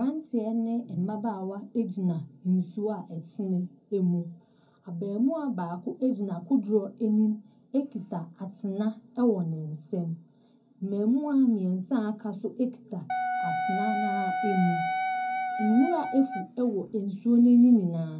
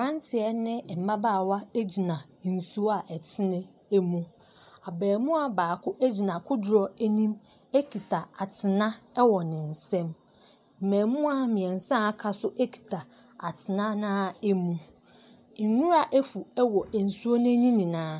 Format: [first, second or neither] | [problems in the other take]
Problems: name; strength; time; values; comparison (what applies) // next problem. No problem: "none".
second | background sound (Wind instrument, woodwind instrument); 3 dB below the speech // room echo; dies away in 0.3 s